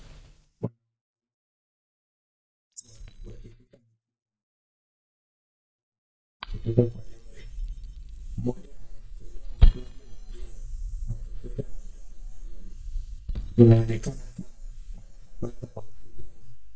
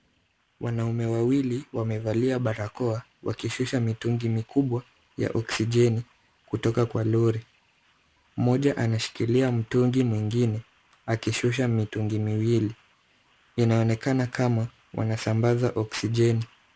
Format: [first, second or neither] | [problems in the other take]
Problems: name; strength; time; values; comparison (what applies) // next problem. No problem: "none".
second | noise reduction (neural mask model DeepFilterNet 3)